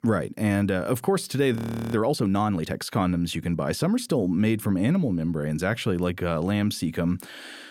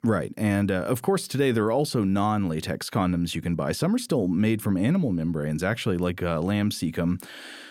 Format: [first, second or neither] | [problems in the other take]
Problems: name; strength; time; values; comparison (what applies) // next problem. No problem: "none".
second | audio freezing; at 1.5 s